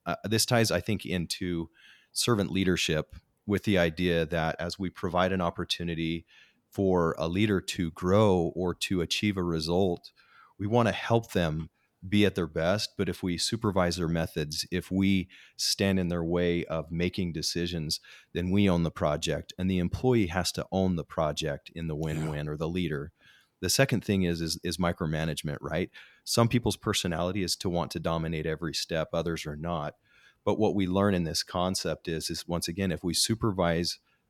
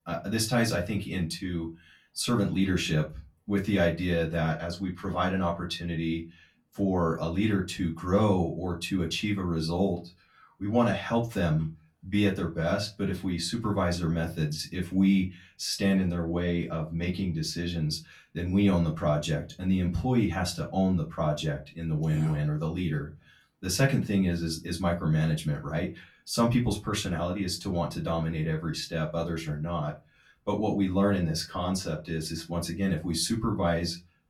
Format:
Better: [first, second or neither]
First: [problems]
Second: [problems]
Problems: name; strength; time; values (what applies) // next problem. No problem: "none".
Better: first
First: none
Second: off-mic speech; far // room echo; very slight; dies away in 0.2 s